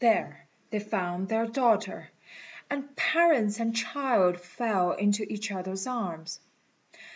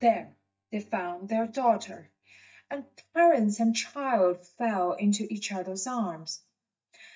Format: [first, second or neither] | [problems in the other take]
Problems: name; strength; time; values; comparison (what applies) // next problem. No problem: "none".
first | noise reduction (neural mask model DeepFilterNet 3)